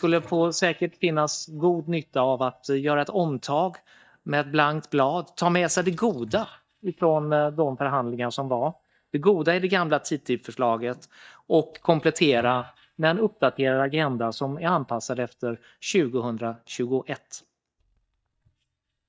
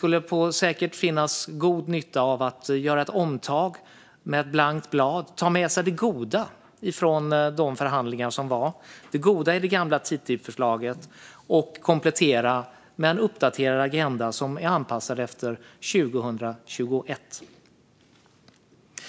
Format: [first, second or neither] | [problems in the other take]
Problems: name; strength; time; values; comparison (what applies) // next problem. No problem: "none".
second | noise reduction (neural mask model DeepFilterNet 3)